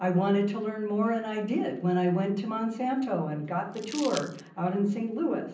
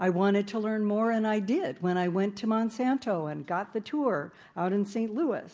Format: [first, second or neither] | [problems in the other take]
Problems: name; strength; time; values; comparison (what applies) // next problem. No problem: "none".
second | background sound (Crumpling, crinkling); 14 dB below the speech // room echo; dies away in 0.6 s